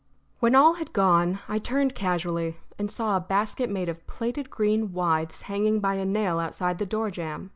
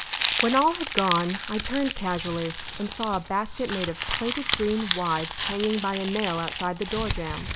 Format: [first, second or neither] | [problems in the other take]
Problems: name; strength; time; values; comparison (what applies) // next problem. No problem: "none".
first | background sound (Crumpling, crinkling); 4 dB below the speech